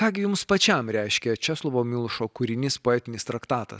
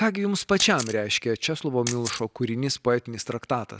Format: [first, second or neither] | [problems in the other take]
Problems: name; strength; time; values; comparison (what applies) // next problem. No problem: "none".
first | background sound (Camera); 12 dB below the speech